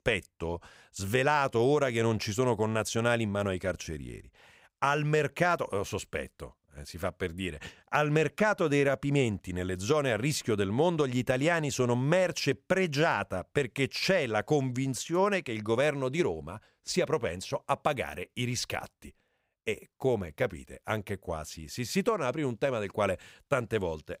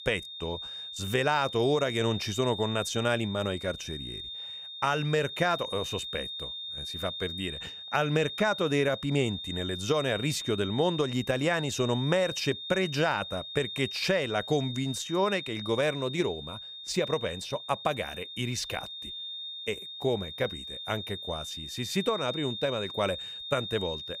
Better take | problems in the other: first | high-pitched whine; loud; throughout; 3.5 kHz, 7 dB below the speech

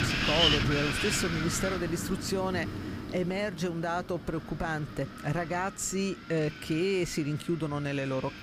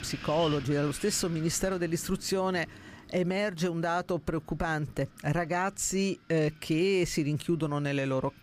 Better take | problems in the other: second | wind noise on the microphone; heavy; 3 dB above the speech; occasional gusts in the second

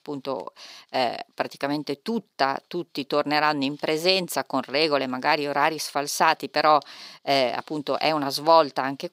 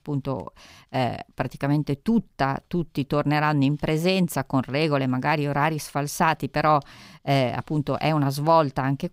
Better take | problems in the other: second | thin; somewhat; fading below 400 Hz

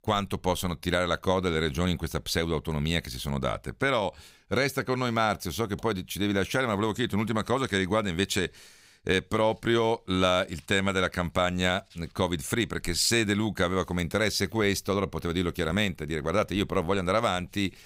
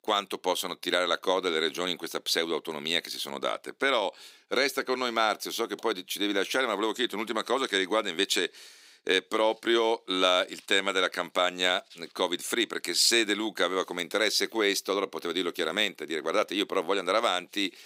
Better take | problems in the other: first | thin; somewhat; fading below 300 Hz

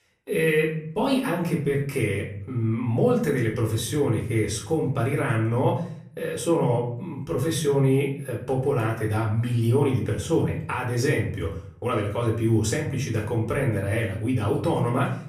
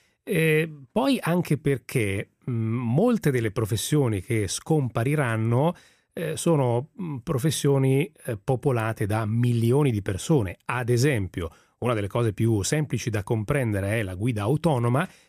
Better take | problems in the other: second | off-mic speech; far // room echo; slight; dies away in 0.5 s

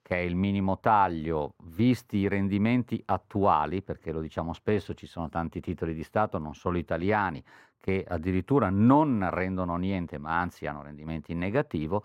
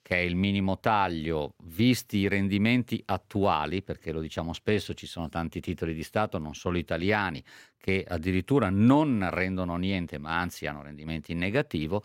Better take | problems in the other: second | muffled; slightly; fading above 2 kHz

